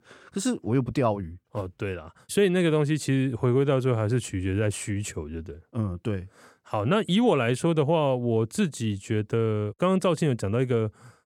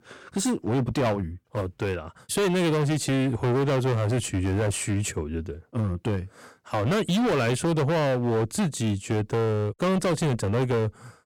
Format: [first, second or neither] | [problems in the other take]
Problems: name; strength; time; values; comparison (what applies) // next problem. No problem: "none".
first | distortion; heavy; 22% of the sound clipped